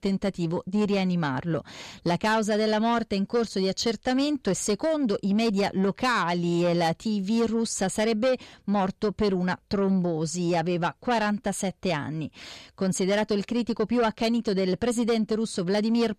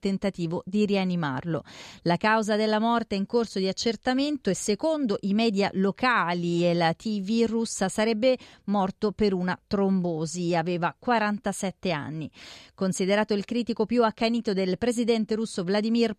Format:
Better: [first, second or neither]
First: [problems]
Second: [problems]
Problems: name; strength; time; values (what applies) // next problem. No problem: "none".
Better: second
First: distortion; slight; 10 dB below the speech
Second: none